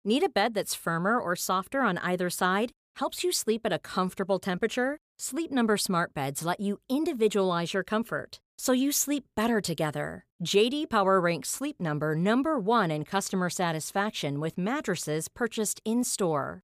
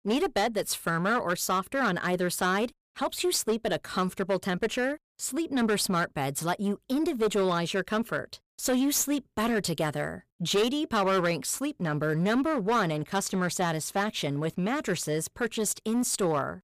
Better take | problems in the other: first | distortion; slight; 9% of the sound clipped

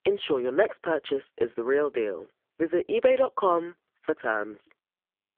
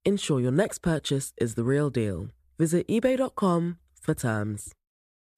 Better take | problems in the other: second | phone-call audio; poor line; nothing above 3.5 kHz

